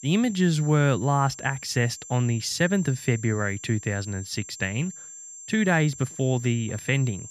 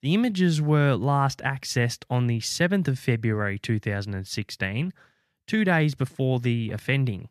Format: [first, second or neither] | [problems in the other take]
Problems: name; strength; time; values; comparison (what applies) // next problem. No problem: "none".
second | high-pitched whine; noticeable; throughout; 7.5 kHz, 15 dB below the speech